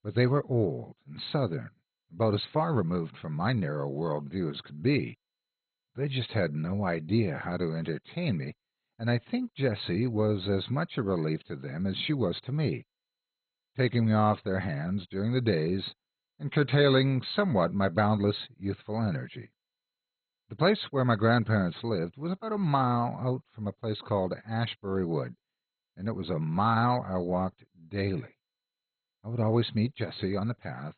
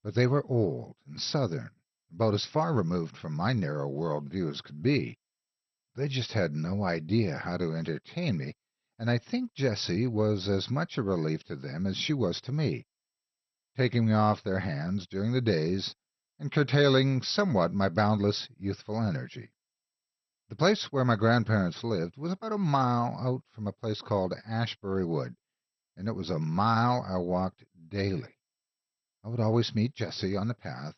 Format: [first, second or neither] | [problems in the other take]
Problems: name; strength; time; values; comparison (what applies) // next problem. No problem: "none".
second | garbled, watery; badly; nothing above 4 kHz; slightly in the second